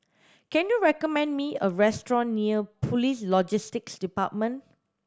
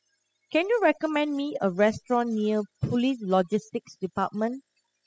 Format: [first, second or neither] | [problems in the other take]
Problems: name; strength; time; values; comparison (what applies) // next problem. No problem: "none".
first | noise reduction (classical method spectral subtraction)